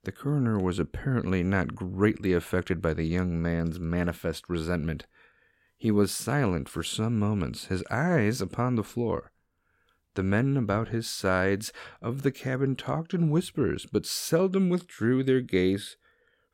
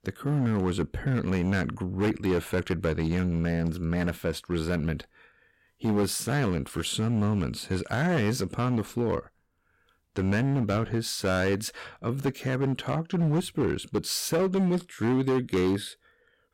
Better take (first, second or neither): first